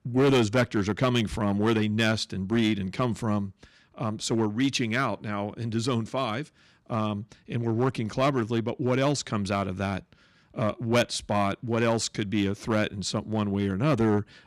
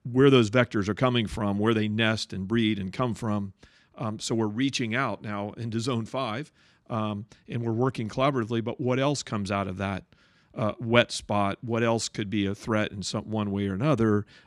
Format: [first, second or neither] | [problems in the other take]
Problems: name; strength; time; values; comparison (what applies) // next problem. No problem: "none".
second | distortion; slight; 3% of the sound clipped